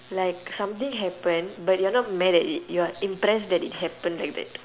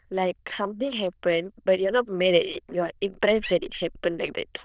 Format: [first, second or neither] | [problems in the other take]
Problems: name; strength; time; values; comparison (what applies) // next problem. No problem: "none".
first | noise reduction (neural diffusion model UNIVERSE++)